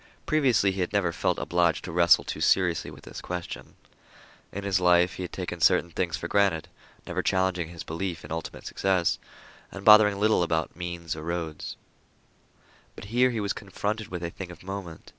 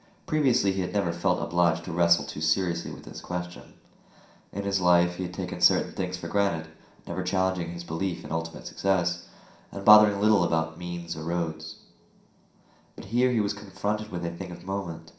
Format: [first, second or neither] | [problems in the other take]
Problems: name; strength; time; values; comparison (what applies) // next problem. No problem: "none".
first | room echo; dies away in 0.5 s